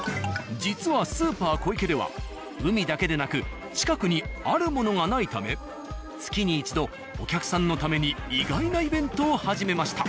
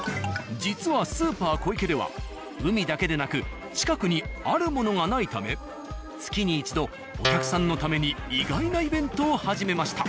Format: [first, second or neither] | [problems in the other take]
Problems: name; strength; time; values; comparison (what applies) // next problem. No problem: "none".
first | background sound (Guitar); 3 dB below the speech